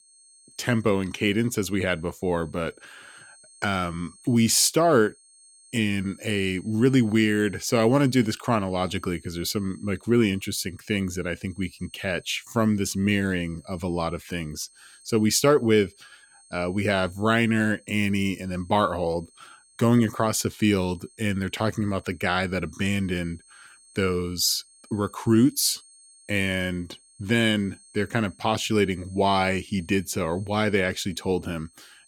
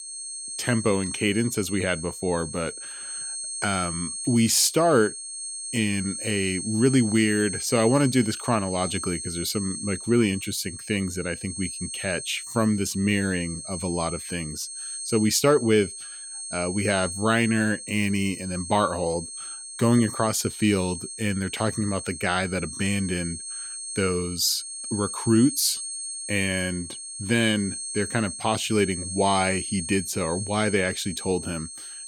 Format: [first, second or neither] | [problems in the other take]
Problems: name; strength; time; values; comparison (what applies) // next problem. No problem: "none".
first | high-pitched whine; loud; throughout; 8.5 kHz, 7 dB below the speech; faint in the first